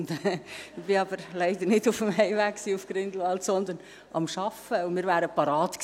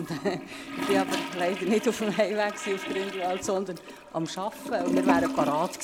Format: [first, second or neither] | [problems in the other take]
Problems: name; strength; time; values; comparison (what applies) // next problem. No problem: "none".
first | background sound (Toilet flush / Gurgling); 3 dB below the speech